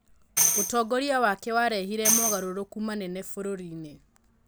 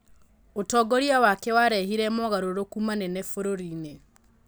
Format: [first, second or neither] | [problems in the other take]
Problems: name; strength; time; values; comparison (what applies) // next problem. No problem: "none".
second | background sound (Tambourine); as loud as the speech